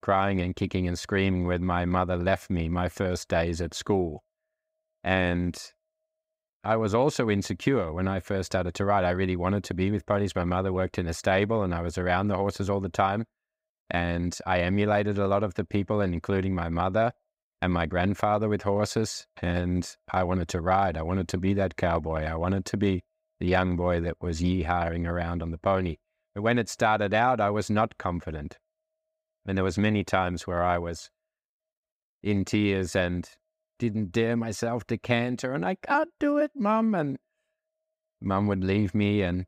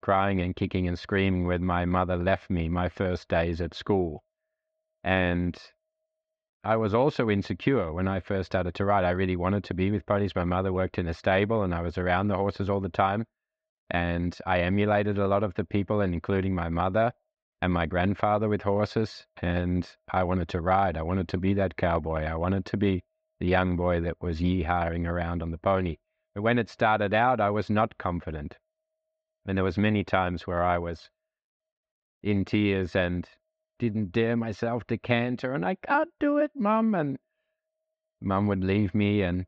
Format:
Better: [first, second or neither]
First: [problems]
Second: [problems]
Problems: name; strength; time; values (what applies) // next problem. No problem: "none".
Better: first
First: none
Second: muffled; slightly; fading above 4 kHz